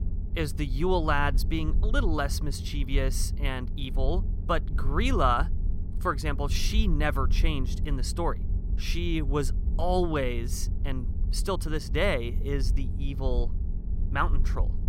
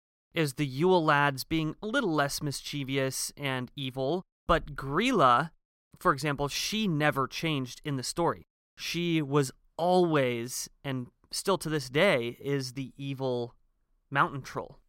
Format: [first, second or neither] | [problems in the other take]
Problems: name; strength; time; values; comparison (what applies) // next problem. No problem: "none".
second | low rumble; noticeable; throughout; 15 dB below the speech